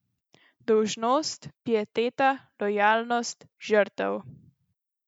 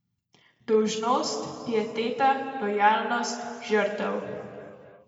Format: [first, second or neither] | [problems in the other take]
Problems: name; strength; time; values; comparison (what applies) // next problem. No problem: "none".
first | room echo; dies away in 2 s